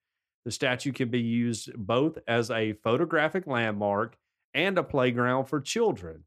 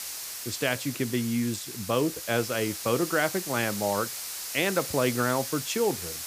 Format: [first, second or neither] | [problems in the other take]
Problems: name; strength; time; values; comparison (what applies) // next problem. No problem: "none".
first | hiss; loud; throughout; 6 dB below the speech